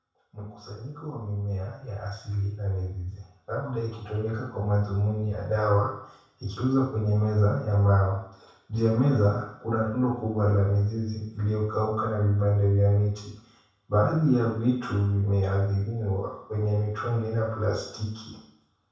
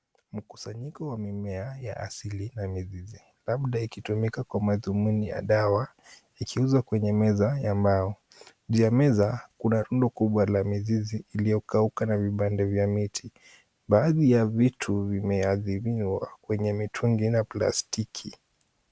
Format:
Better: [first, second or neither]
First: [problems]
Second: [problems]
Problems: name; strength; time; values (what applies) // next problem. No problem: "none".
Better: second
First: room echo; dies away in 0.7 s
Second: none